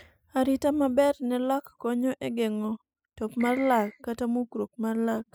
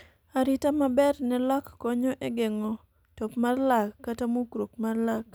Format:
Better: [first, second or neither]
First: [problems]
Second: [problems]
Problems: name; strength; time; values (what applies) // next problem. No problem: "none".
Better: second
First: noise reduction (classical method spectral subtraction)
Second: none